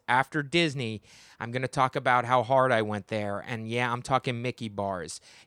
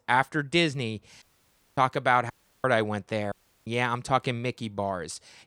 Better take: first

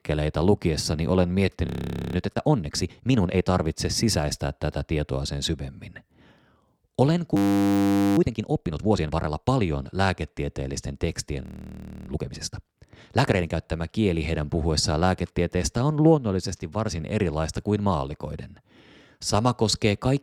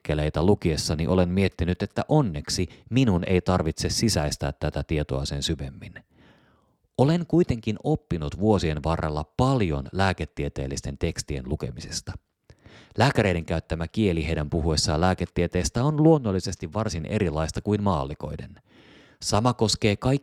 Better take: second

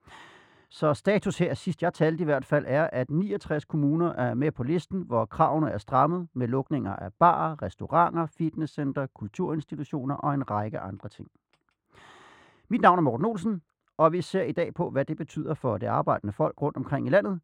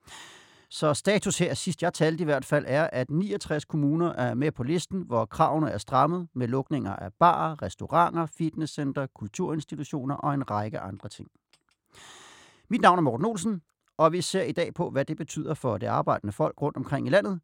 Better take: second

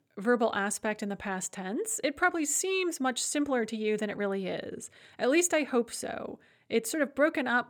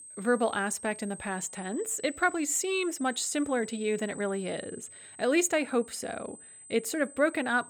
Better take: first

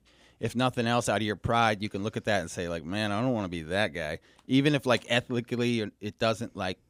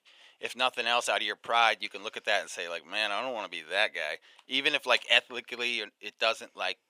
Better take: first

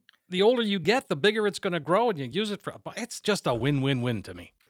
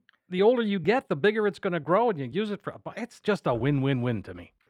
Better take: first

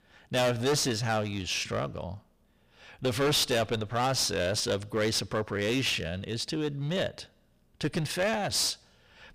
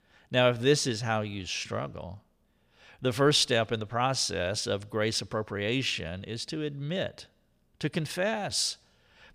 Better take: second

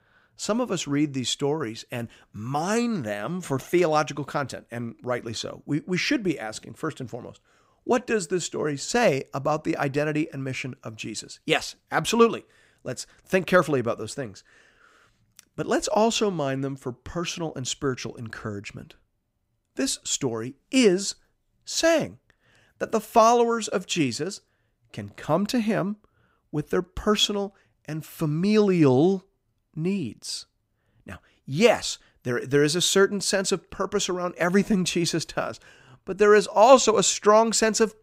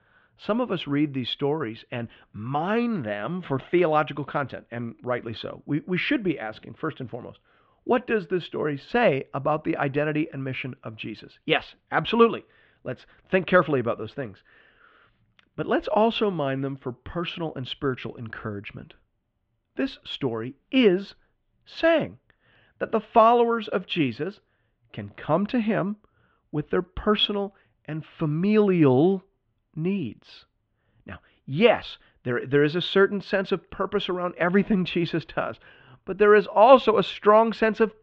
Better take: first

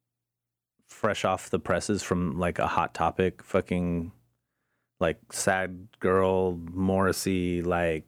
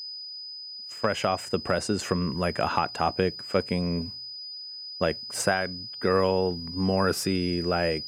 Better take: first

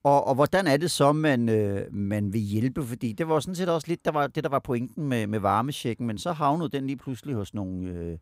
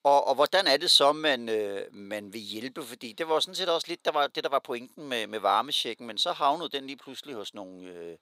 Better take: first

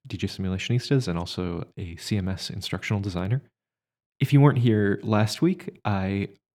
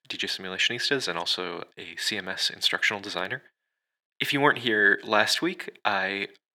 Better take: first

